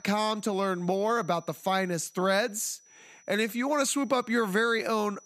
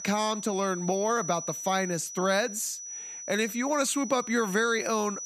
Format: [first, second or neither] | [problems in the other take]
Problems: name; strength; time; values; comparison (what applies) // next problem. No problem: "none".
first | high-pitched whine; loud; throughout; 6 kHz, 9 dB below the speech; faint in the first